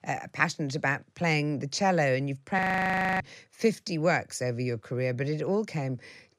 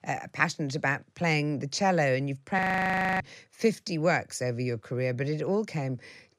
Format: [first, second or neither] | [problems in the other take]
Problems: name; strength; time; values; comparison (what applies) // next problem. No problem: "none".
neither | audio freezing; at 2.5 s for 0.5 s; the same in both